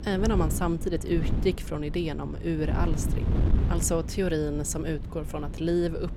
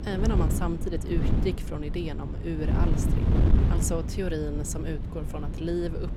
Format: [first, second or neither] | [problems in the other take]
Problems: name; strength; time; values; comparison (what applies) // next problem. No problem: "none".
first | wind noise on the microphone; heavy; 4 dB below the speech; occasional gusts in the first